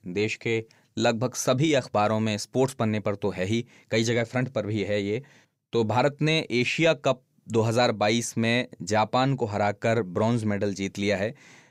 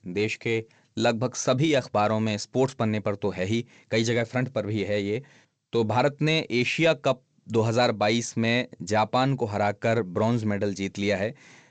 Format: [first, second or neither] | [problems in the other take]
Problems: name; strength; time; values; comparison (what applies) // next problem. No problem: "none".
first | garbled, watery; slightly; nothing above 7.5 kHz